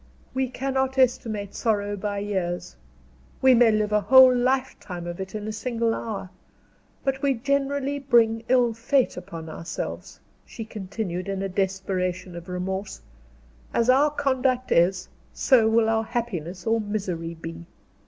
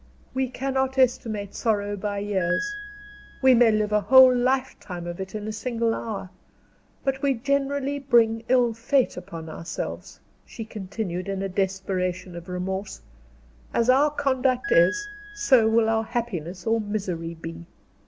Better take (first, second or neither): first